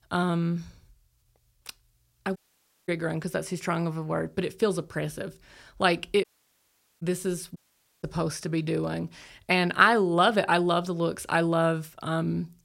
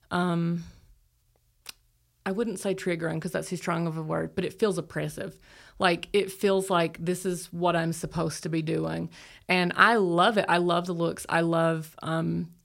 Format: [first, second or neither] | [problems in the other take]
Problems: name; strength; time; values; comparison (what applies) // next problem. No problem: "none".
second | audio cutting out; at 2.5 s for 0.5 s, at 6 s for 1 s and at 7.5 s